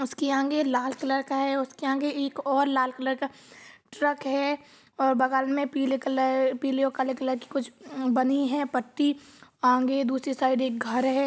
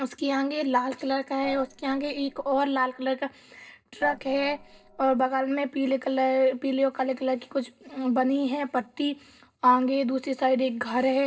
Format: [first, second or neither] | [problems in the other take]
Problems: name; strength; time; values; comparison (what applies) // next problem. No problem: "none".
first | noise reduction (neural separator model SepFormer DNS4)